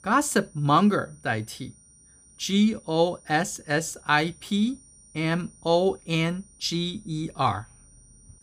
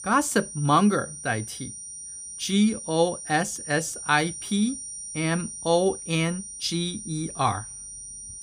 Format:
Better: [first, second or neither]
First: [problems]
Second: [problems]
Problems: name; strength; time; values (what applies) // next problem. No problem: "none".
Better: first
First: high-pitched whine; faint; throughout; 9 kHz, 25 dB below the speech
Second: high-pitched whine; loud; throughout; 9 kHz, 10 dB below the speech